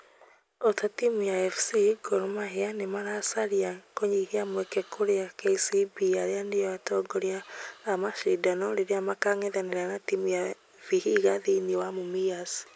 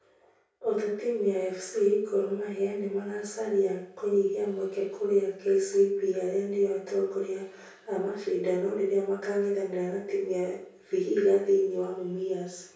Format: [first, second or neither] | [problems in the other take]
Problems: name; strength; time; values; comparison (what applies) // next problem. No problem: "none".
first | room echo; dies away in 0.6 s